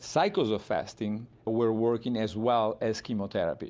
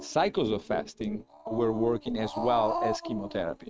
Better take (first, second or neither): first